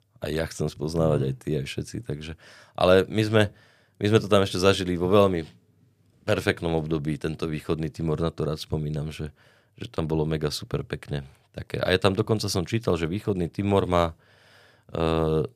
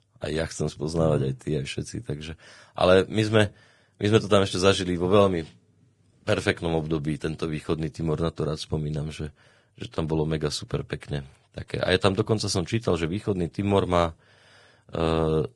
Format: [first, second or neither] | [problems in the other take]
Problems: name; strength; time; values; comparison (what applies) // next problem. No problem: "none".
first | garbled, watery; badly; nothing above 10 kHz